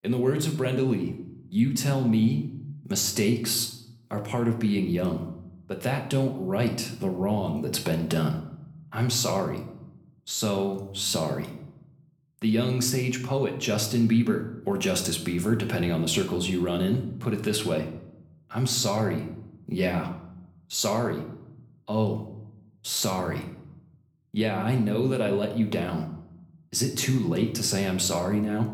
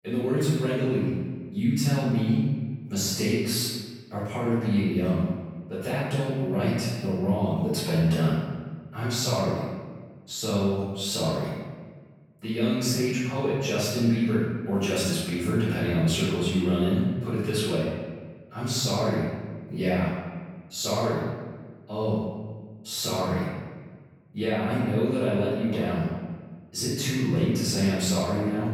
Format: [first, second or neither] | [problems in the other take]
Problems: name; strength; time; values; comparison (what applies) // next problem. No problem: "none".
first | room echo; strong; dies away in 1.4 s; slight in the first // off-mic speech; far